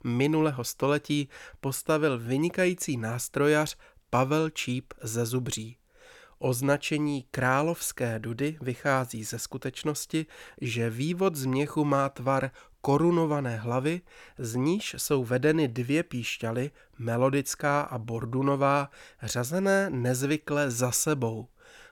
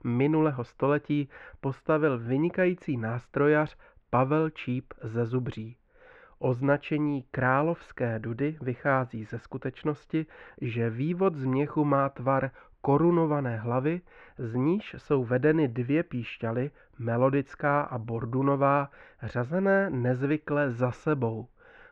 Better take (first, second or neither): first